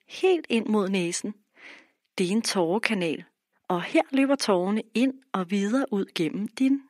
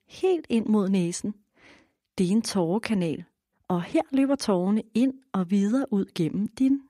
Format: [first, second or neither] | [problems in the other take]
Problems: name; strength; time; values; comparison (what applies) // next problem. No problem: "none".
second | thin; very slightly; fading below 250 Hz